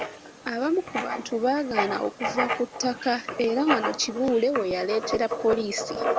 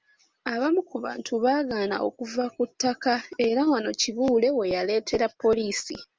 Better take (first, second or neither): second